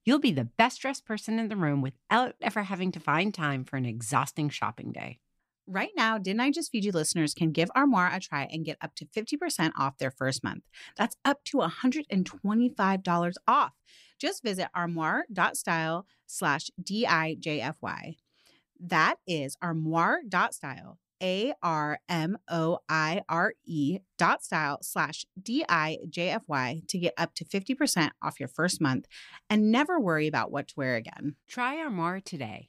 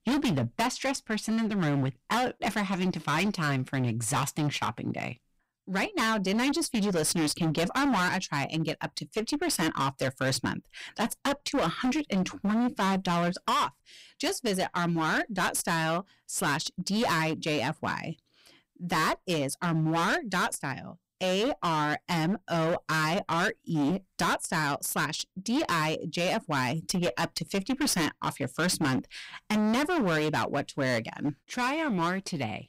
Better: first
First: none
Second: distortion; heavy; 21% of the sound clipped

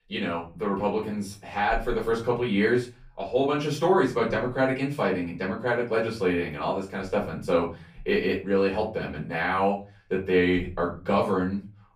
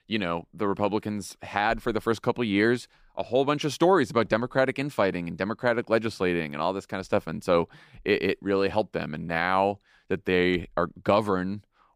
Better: second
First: room echo; slight; dies away in 0.3 s // off-mic speech; far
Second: none

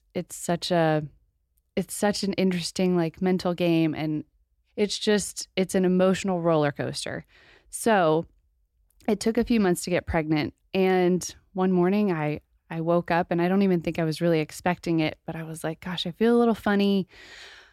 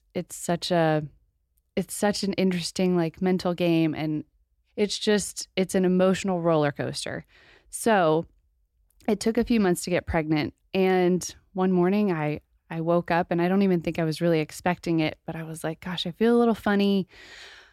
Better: neither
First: none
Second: none

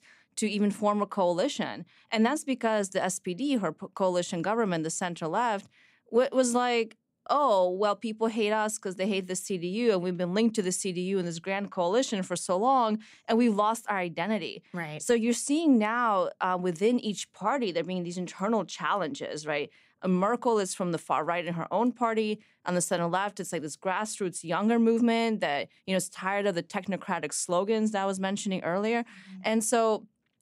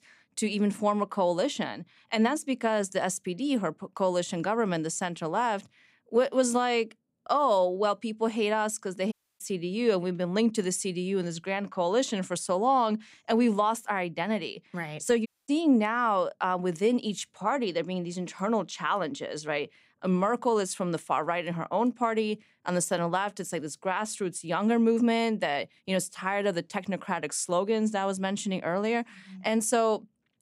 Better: first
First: none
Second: audio cutting out; at 9 s and at 15 s

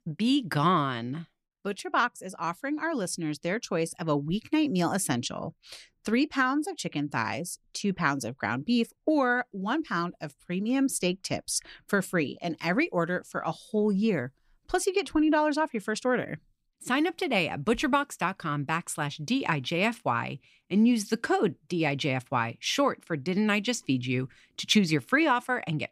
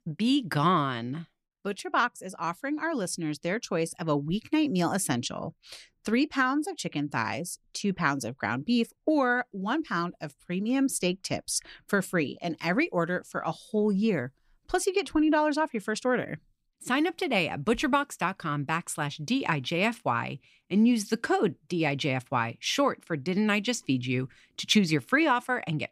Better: neither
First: none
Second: none

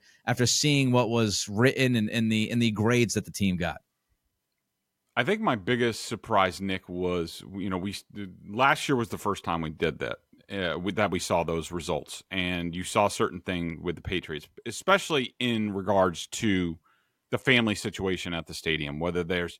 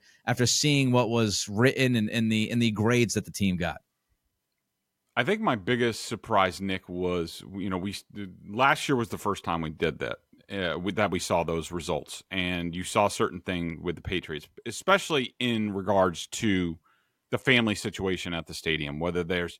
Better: neither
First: none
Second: none

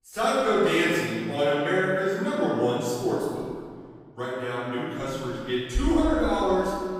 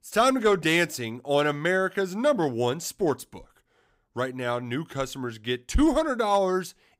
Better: second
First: off-mic speech; far // room echo; strong; dies away in 1.7 s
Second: none

